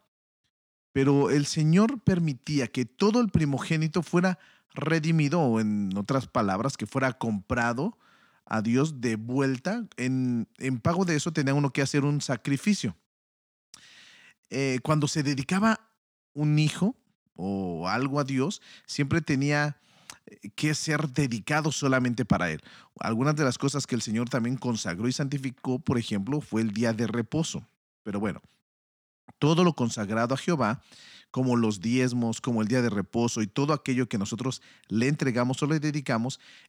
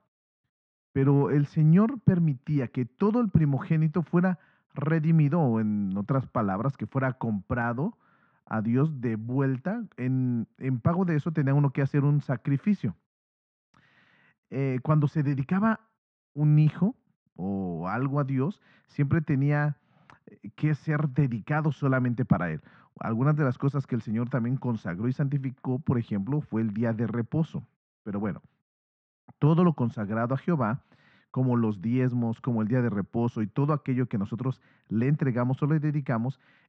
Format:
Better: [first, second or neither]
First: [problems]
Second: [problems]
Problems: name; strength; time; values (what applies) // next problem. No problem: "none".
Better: first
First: none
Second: muffled; very; fading above 1.5 kHz